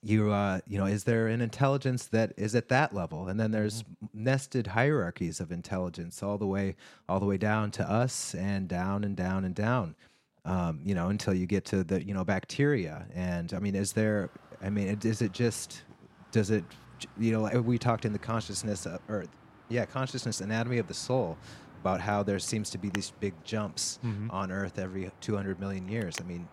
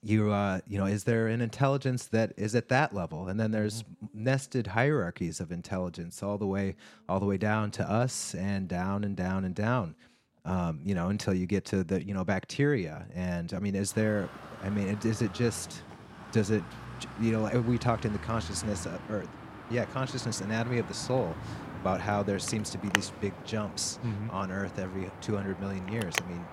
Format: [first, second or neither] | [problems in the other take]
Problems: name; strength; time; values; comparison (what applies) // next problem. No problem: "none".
first | traffic noise; loud; throughout; 10 dB below the speech; faint in the first